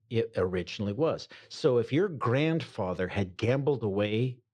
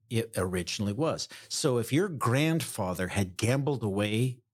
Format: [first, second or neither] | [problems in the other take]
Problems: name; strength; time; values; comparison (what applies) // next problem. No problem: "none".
second | muffled; slightly; fading above 4 kHz